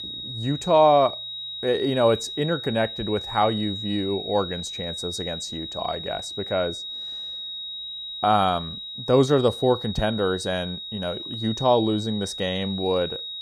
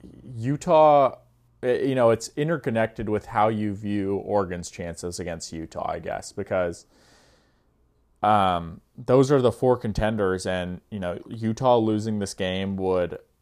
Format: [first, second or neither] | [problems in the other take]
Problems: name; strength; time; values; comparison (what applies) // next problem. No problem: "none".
second | high-pitched whine; loud; throughout; 4 kHz, 8 dB below the speech